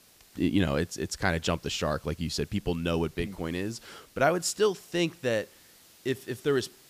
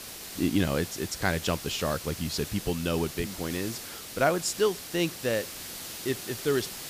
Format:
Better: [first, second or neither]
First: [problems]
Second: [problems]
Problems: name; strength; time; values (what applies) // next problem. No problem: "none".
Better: first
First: hiss; faint; throughout; 25 dB below the speech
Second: hiss; loud; throughout; 8 dB below the speech